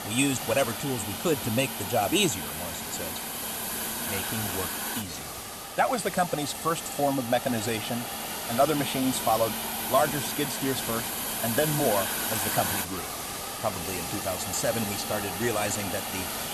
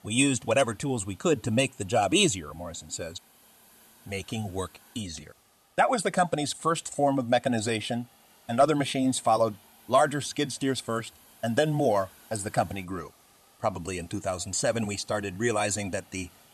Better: second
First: hiss; loud; throughout; 2 dB below the speech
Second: hiss; faint; throughout; 30 dB below the speech

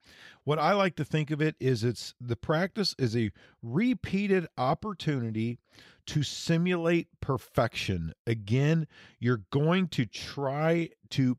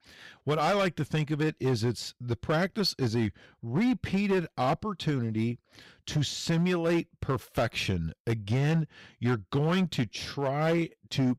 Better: first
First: none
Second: distortion; slight; 9% of the sound clipped

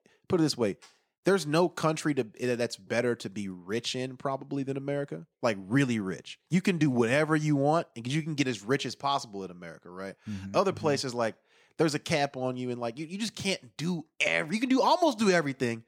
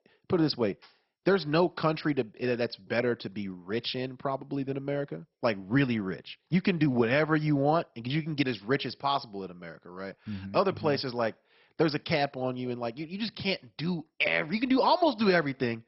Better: first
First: none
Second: garbled, watery; badly; nothing above 5.5 kHz

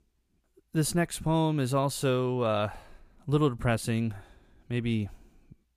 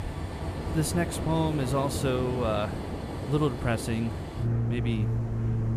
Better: first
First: none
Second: train or aircraft noise; loud; throughout; 2 dB below the speech

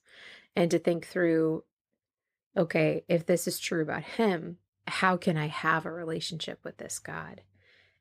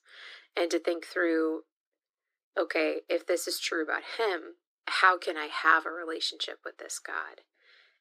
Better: first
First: none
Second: thin; very; fading below 300 Hz

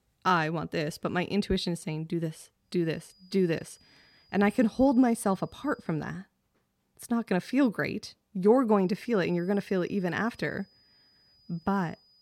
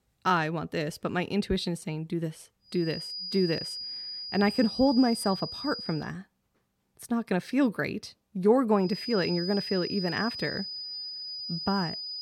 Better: first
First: high-pitched whine; faint; from 3 to 6 s and from 9 s on; 5 kHz, 30 dB below the speech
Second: high-pitched whine; loud; from 3 to 6 s and from 9 s on; 5 kHz, 6 dB below the speech

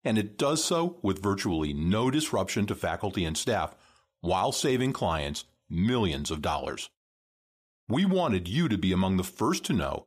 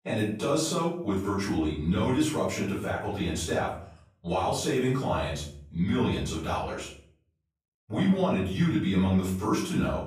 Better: first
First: none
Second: off-mic speech; far // room echo; noticeable; dies away in 0.5 s

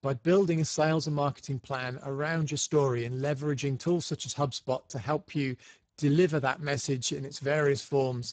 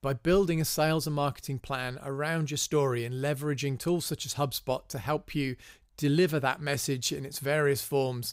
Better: second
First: garbled, watery; badly; nothing above 7.5 kHz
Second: none

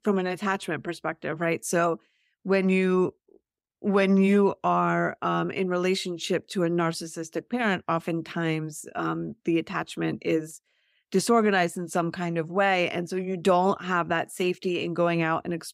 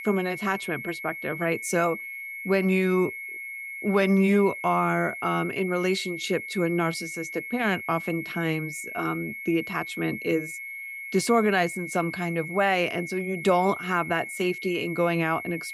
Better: first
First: none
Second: high-pitched whine; loud; throughout; 2 kHz, 8 dB below the speech

